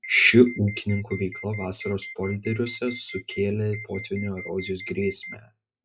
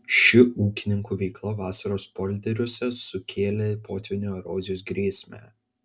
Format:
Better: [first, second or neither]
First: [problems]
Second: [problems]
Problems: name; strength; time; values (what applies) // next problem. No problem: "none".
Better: second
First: noise reduction (classical method log-MMSE)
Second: none